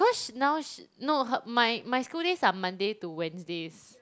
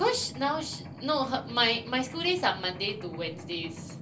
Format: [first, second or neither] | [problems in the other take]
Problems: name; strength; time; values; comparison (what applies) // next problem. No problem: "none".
first | background sound (Mechanisms); 12 dB below the speech // room echo; dies away in 0.3 s